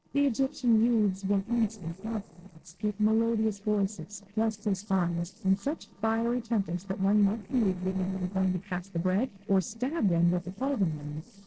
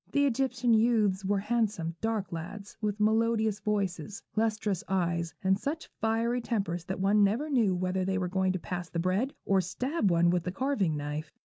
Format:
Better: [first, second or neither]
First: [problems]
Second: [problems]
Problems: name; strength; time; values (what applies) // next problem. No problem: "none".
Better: second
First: noise reduction (neural separator model SepFormer DNS4)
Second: none